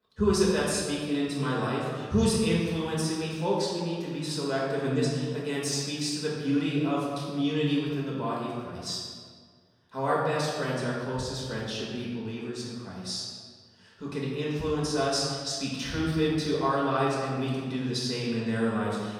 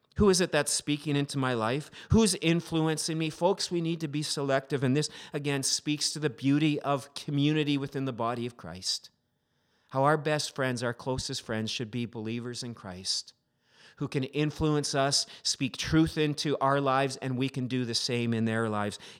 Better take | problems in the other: second | room echo; strong; dies away in 1.5 s // off-mic speech; far

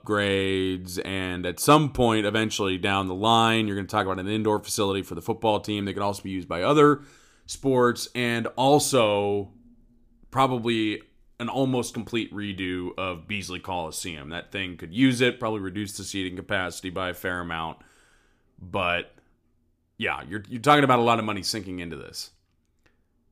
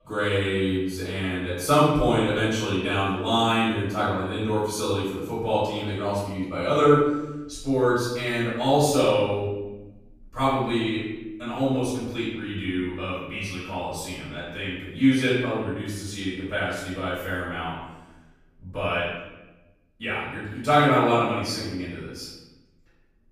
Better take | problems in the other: first | off-mic speech; far // room echo; strong; dies away in 0.9 s

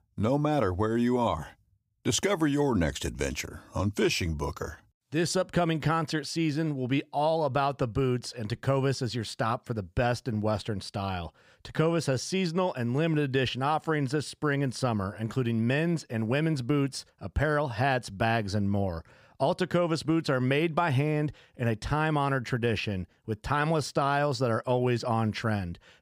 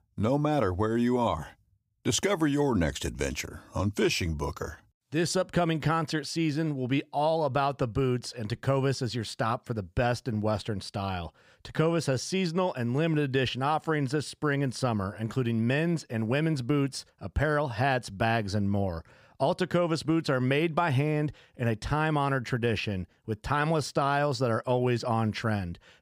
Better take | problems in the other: neither | none

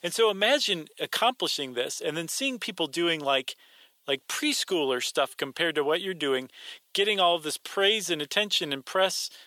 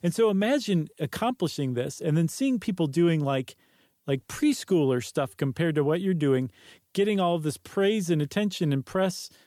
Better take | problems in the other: second | thin; very; fading below 600 Hz

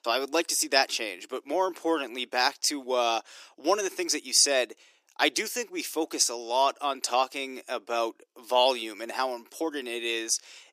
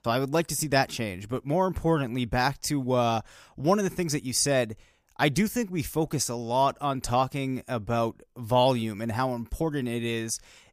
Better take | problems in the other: second | thin; somewhat; fading below 300 Hz

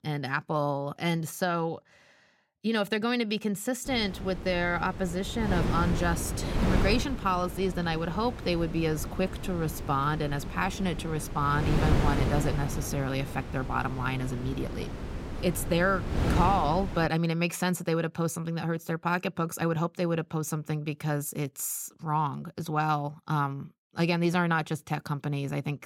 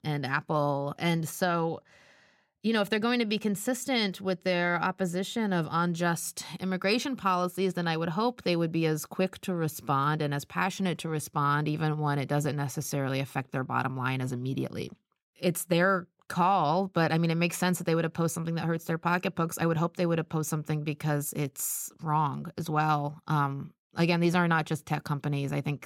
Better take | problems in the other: second | wind noise on the microphone; heavy; from 4 to 17 s; 8 dB below the speech

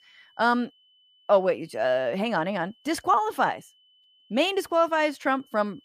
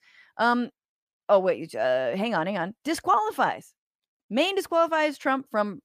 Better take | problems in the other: second | high-pitched whine; faint; throughout; 3 kHz, 35 dB below the speech

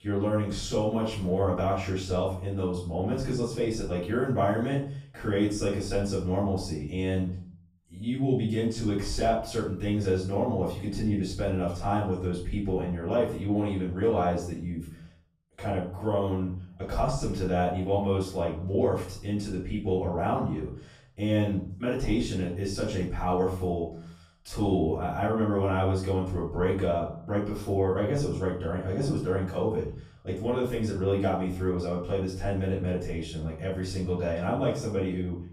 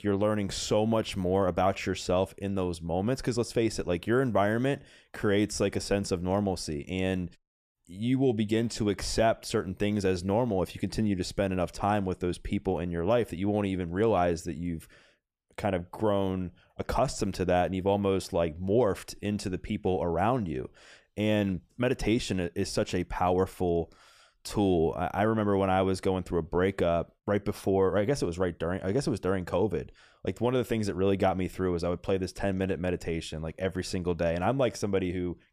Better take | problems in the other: second | off-mic speech; far // room echo; noticeable; dies away in 0.5 s

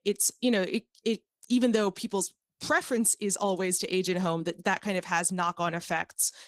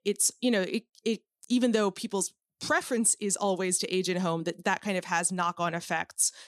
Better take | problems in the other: second | garbled, watery; slightly; nothing above 15.5 kHz

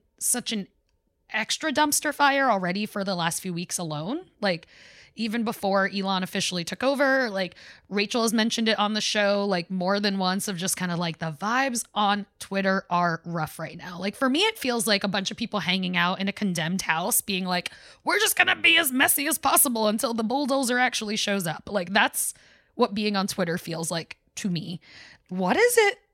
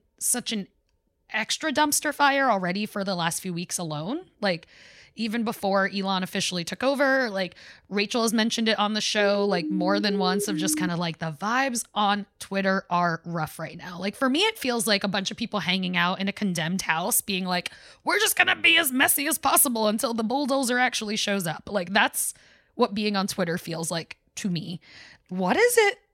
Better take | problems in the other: first | siren; noticeable; from 9 to 11 s; peak 5 dB below the speech

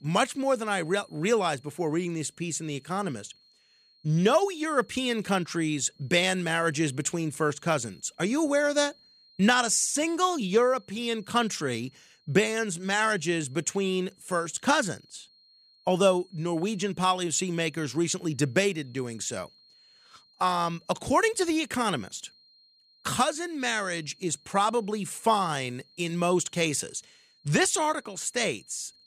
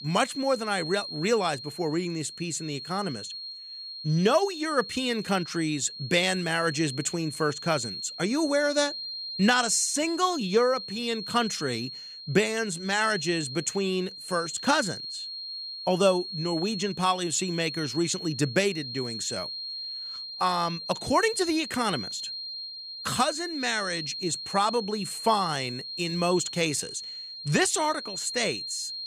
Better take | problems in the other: first | high-pitched whine; loud; throughout; 4 kHz, 8 dB below the speech; faint in the first

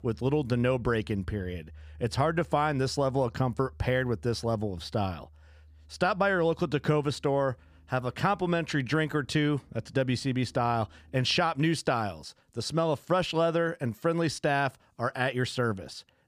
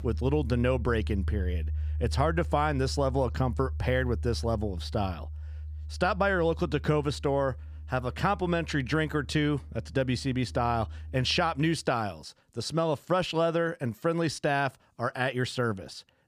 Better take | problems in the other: first | background music; loud; until 11 s; 8 dB below the speech; faint in the first

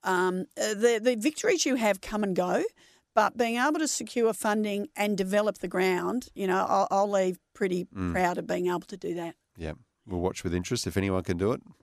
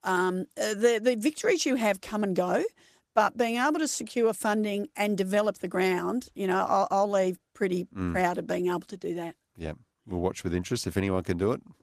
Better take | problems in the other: first | garbled, watery; slightly; nothing above 14.5 kHz

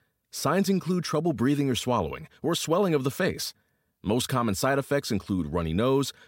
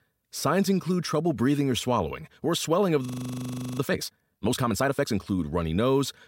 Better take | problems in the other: first | audio freezing; at 3 s for 0.5 s

